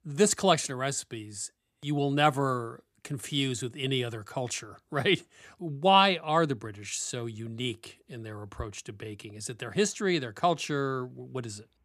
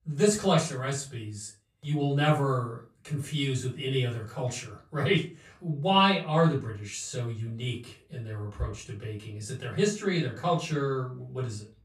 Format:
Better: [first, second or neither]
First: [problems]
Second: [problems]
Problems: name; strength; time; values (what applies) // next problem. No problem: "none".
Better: first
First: none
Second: room echo; slight; dies away in 0.3 s // off-mic speech; far